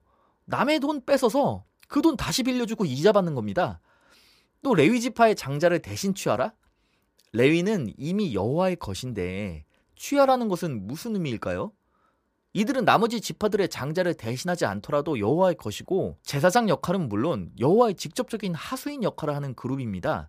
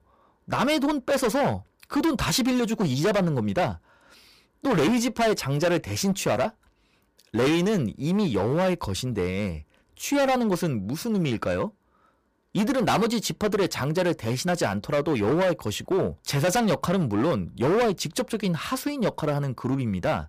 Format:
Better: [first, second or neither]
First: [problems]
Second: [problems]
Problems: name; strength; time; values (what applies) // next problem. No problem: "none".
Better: first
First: none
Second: distortion; heavy; 13% of the sound clipped